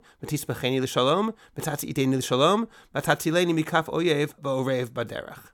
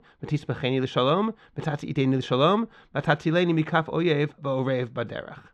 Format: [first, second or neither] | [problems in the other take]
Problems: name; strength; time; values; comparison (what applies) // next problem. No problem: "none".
first | muffled; slightly; fading above 4 kHz